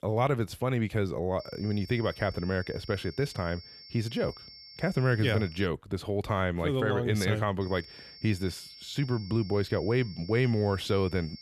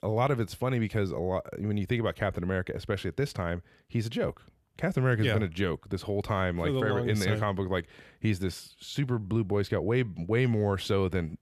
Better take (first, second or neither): second